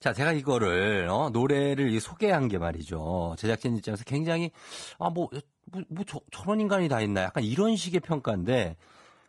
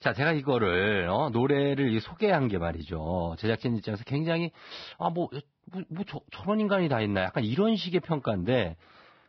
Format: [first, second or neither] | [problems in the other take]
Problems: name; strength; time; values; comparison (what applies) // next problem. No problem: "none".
first | garbled, watery; badly; nothing above 5 kHz; slightly in the first